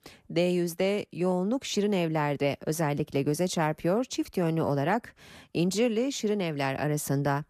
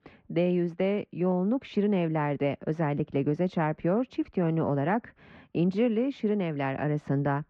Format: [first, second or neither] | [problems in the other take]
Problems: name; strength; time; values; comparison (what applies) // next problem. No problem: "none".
first | muffled; very; fading above 2.5 kHz